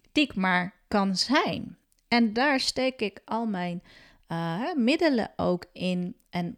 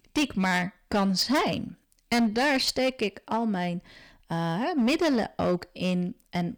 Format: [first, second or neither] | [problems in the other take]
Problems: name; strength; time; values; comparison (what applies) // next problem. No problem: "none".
first | distortion; slight; 8% of the sound clipped